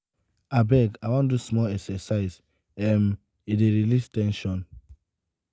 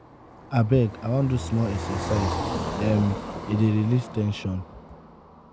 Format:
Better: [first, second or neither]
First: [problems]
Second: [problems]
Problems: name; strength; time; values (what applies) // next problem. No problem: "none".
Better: first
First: none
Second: background sound (Car passing by); 8 dB below the speech